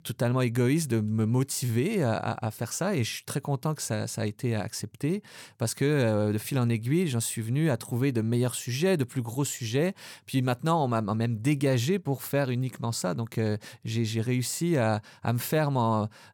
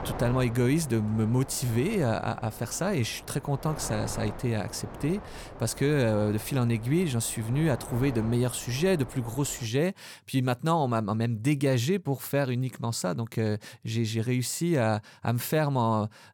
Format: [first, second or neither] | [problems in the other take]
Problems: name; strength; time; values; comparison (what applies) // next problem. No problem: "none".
first | wind noise on the microphone; occasional gusts; until 9.5 s; 10 dB below the speech